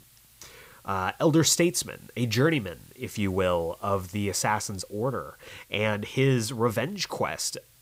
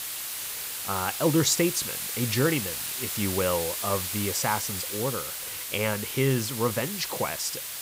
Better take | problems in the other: first | hiss; loud; throughout; 3 dB below the speech; faint in the first

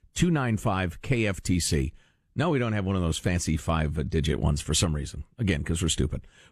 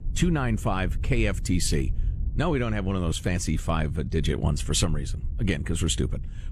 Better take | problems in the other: first | low rumble; faint; throughout; 20 dB below the speech

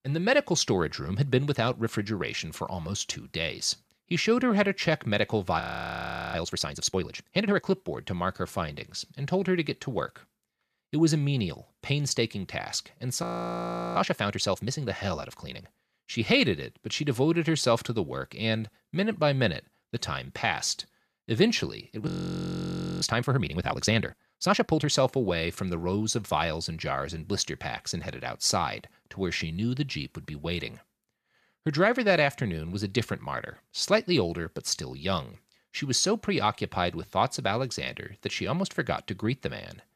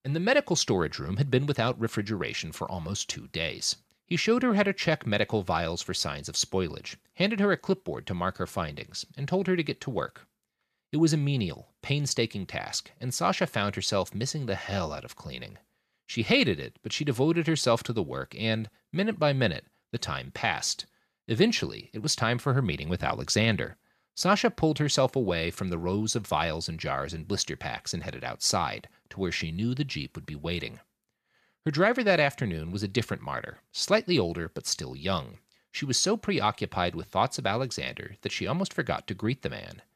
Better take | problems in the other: second | audio freezing; at 5.5 s for 0.5 s, at 13 s for 0.5 s and at 22 s for 1 s

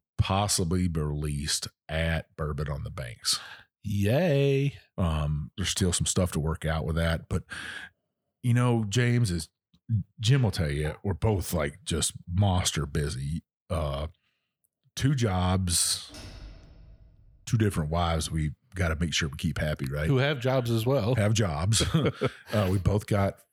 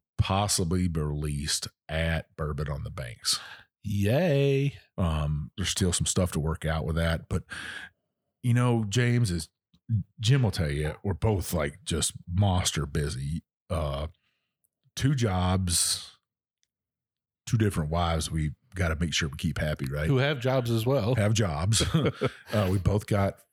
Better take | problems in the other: second | door banging; faint; from 16 to 17 s; peak 15 dB below the speech

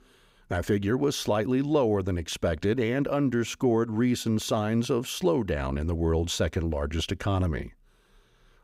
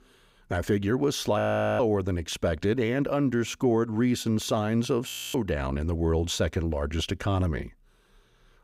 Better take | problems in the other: first | audio freezing; at 1.5 s and at 5 s

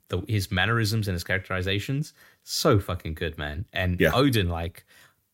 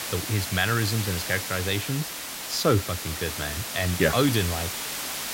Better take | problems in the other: first | hiss; loud; throughout; 4 dB below the speech

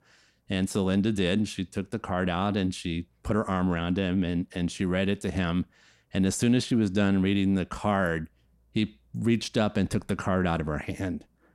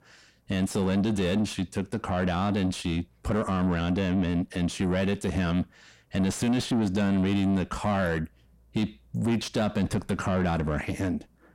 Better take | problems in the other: first | distortion; slight; 10 dB below the speech

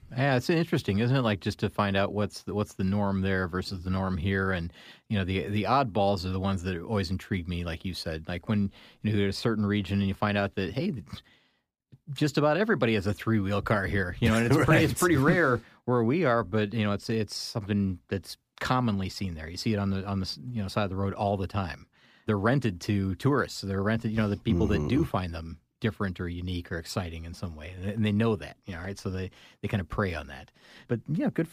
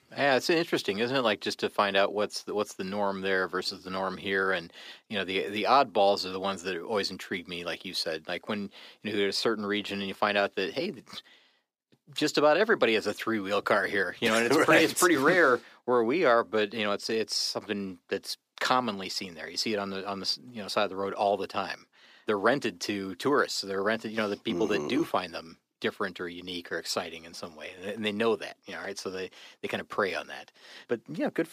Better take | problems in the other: first | thin; somewhat; fading below 400 Hz

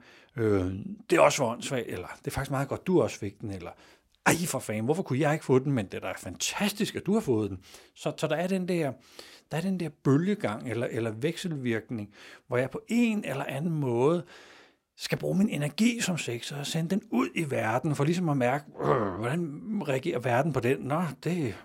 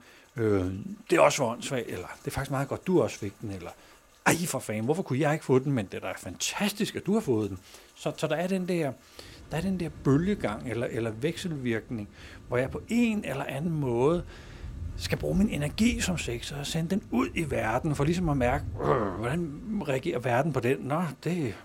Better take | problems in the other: first | rain or running water; noticeable; throughout; 15 dB below the speech

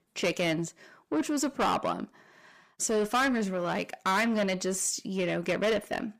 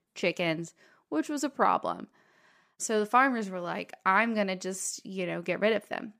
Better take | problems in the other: second | distortion; heavy; 6 dB below the speech

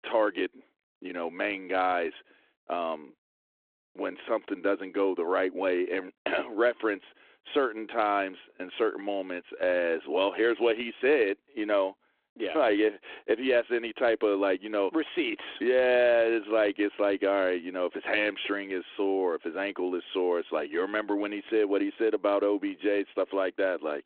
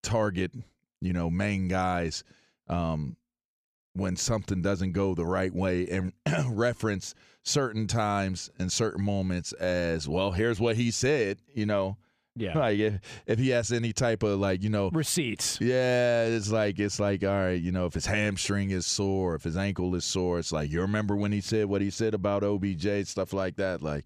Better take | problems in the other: second | phone-call audio

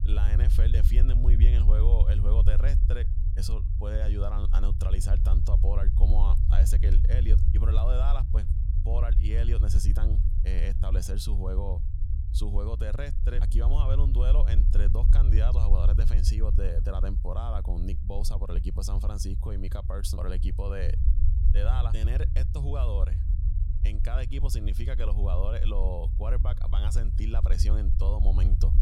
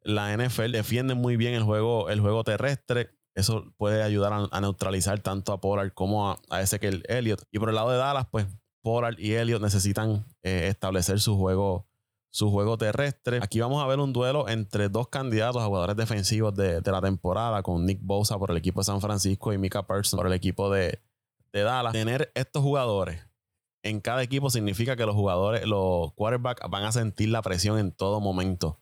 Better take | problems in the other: second | low rumble; loud; throughout; 6 dB below the speech

